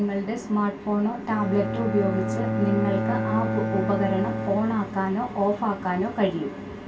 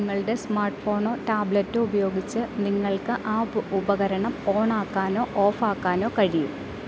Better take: second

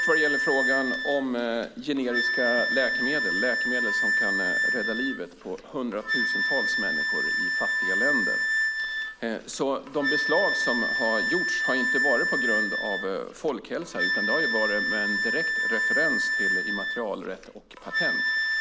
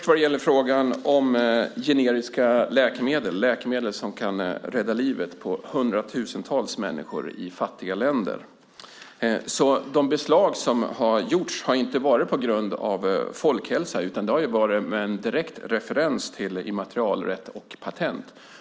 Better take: second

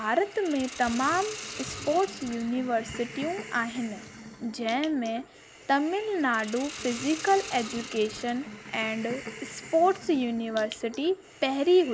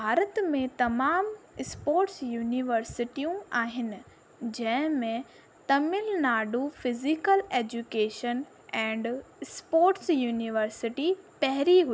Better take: second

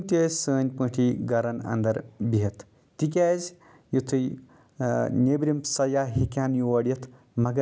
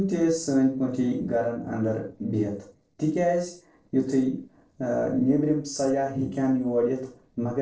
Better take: first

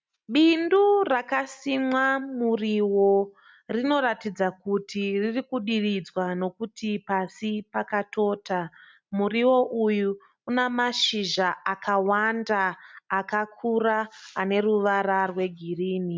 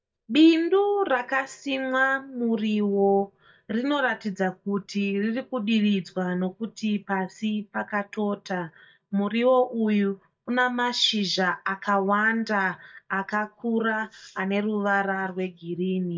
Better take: first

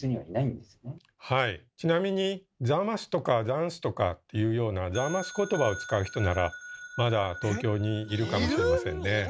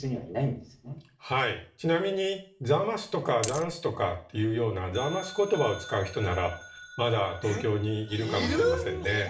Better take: first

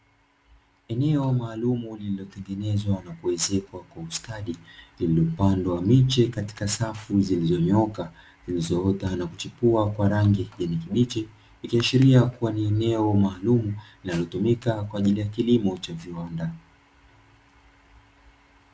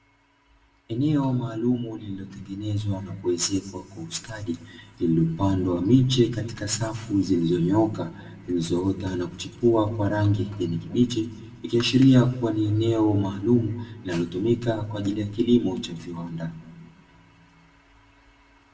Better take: first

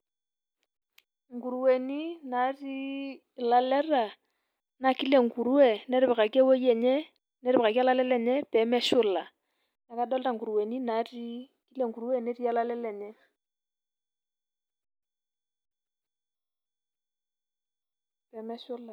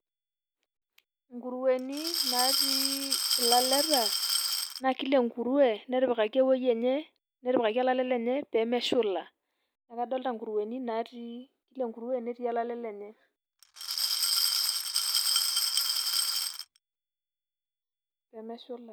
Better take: first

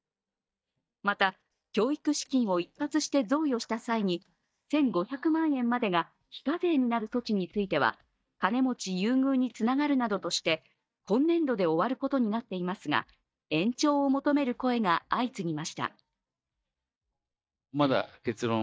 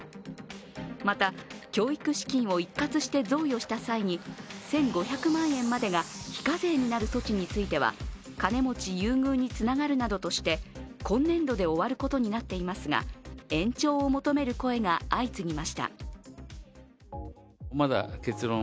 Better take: second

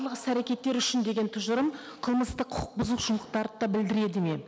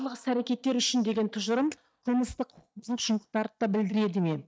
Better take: first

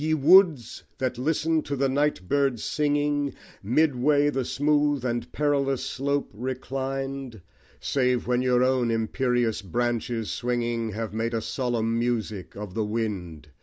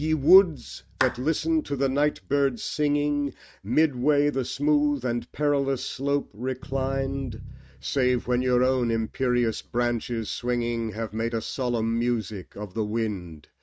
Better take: first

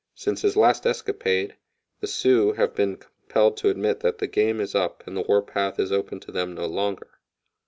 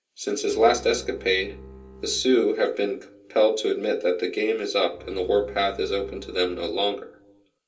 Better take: first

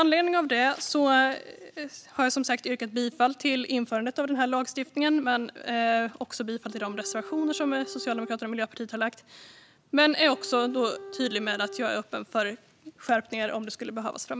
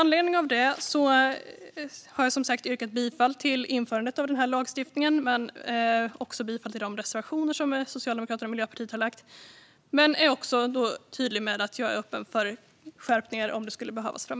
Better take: second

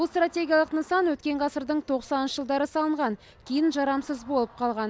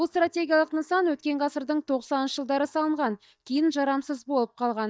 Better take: first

